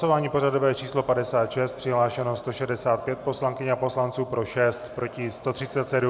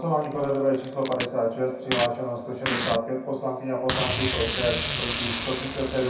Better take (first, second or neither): first